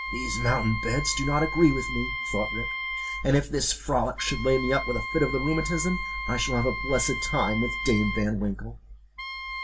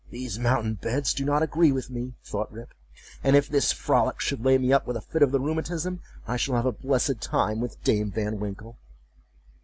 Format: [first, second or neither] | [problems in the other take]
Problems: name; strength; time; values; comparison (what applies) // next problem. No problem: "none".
second | background sound (Wind instrument, woodwind instrument); 7 dB below the speech // room echo; dies away in 0.2 s